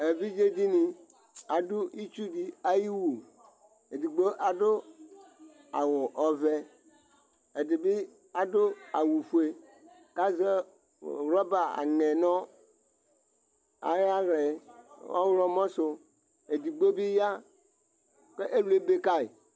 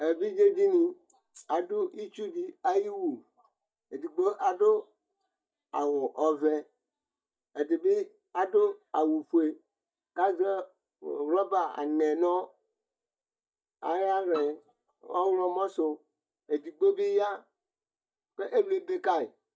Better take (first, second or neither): first